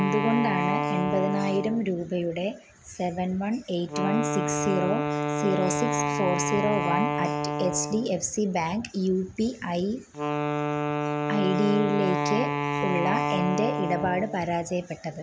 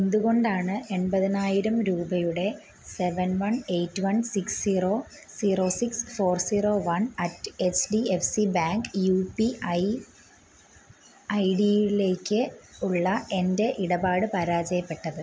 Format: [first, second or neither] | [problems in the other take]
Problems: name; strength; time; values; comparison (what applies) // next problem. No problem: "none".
second | background sound (Wind instrument, woodwind instrument); 1 dB below the speech